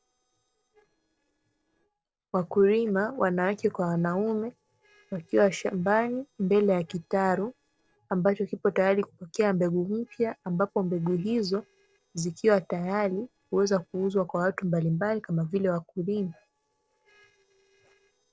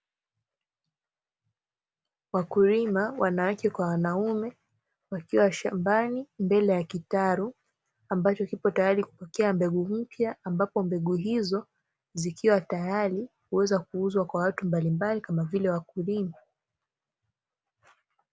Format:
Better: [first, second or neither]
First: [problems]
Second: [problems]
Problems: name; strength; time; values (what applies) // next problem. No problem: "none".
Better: second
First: noise reduction (neural separator model SepFormer DNS4)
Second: none